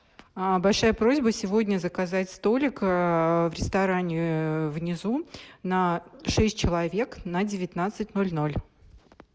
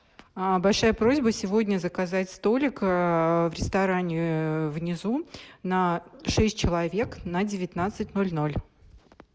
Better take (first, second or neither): first